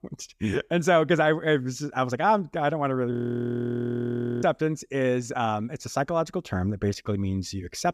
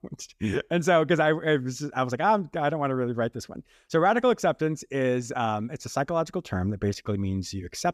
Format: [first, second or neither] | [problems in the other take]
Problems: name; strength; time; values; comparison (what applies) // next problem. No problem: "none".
second | audio freezing; at 3 s for 1.5 s